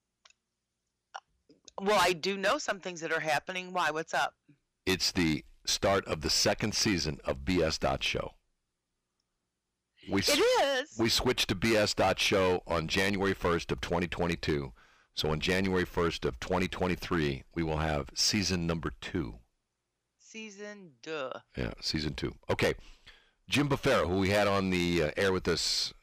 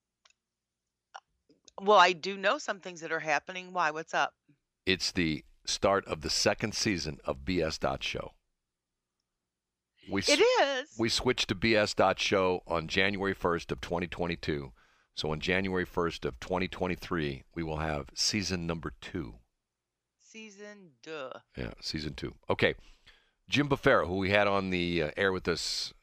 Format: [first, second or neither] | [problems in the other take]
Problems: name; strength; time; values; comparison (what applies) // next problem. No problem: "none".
second | distortion; heavy; 7% of the sound clipped